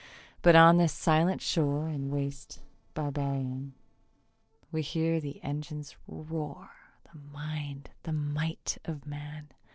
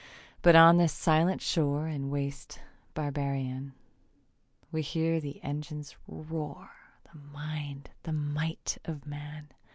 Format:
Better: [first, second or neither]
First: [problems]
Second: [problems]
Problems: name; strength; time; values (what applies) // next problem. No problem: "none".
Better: second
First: noise reduction (neural separator model SepFormer DNS4)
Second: none